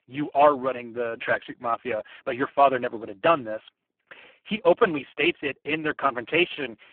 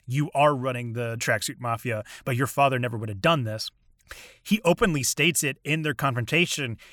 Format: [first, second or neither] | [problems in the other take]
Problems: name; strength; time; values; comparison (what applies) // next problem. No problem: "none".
second | phone-call audio; poor line